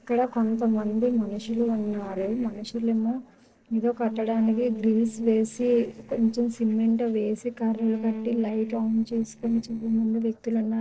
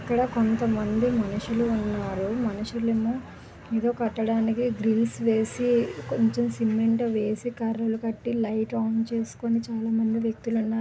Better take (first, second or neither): second